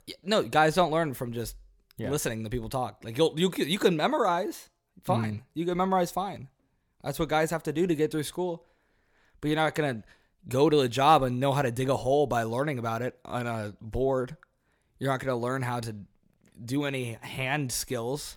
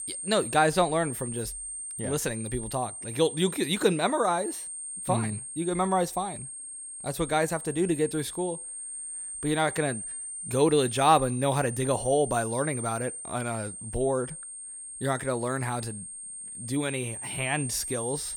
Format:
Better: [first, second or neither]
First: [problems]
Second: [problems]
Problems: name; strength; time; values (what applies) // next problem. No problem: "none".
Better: first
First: none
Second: high-pitched whine; loud; throughout; 8.5 kHz, 8 dB below the speech